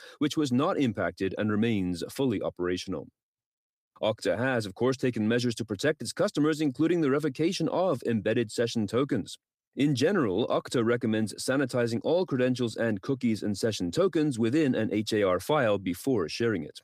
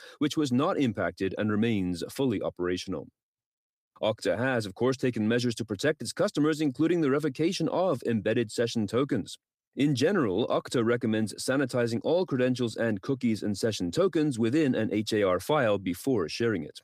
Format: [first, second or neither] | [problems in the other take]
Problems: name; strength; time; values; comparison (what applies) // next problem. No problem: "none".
neither | none